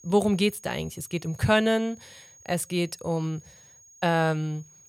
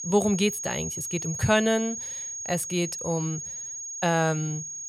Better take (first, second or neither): first